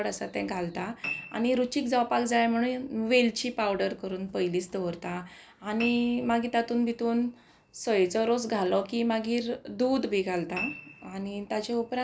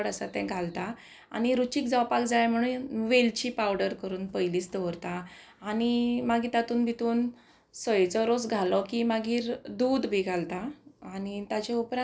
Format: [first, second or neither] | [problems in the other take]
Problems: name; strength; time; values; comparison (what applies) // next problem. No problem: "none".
second | background sound (Piano); 17 dB below the speech